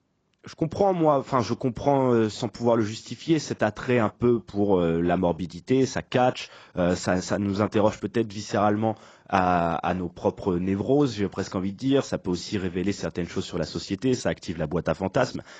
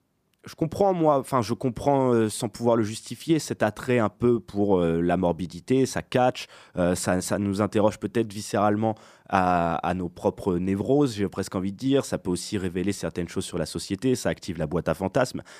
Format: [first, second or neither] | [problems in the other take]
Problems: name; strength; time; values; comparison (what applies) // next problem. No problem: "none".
second | garbled, watery; badly; nothing above 7.5 kHz